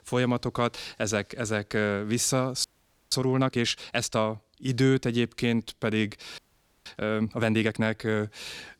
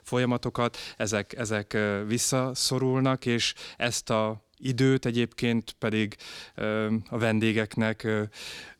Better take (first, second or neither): second